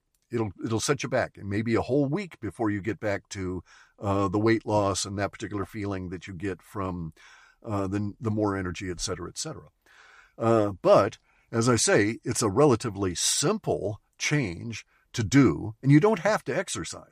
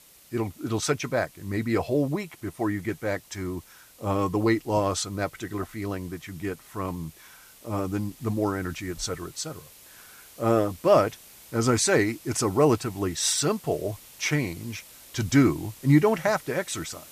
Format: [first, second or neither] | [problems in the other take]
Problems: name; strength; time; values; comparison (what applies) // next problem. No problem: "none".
first | hiss; faint; throughout; 20 dB below the speech